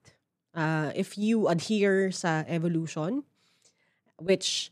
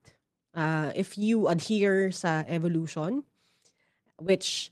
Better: first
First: none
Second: garbled, watery; slightly

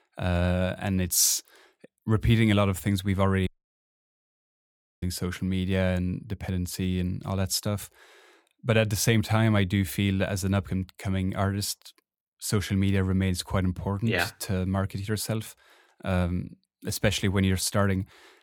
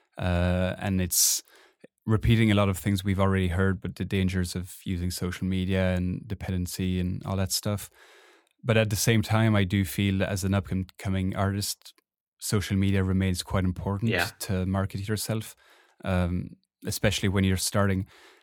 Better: second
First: audio cutting out; at 3.5 s for 1.5 s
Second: none

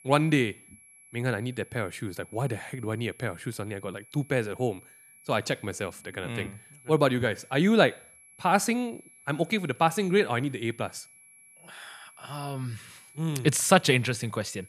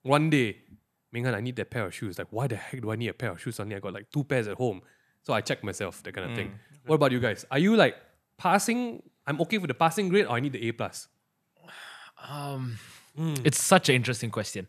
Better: second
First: high-pitched whine; faint; throughout; 11 kHz, 25 dB below the speech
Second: none

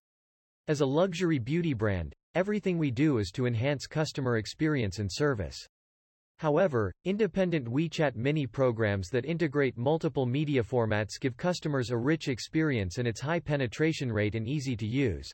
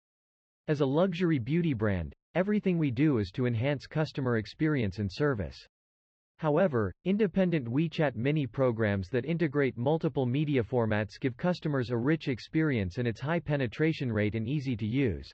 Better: first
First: none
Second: muffled; very slightly; fading above 4 kHz

